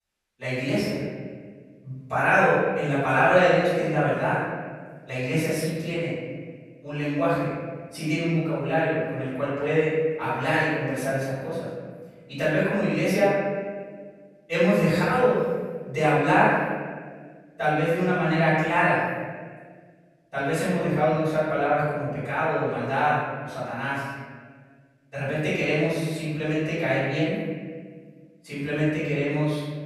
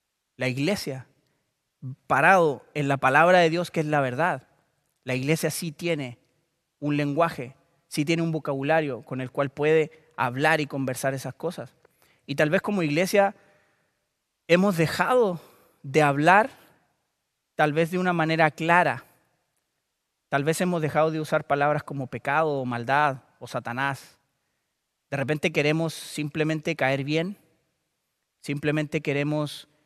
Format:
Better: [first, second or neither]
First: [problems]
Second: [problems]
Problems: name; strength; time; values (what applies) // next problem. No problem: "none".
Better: second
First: off-mic speech; far // room echo; strong; dies away in 1.5 s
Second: none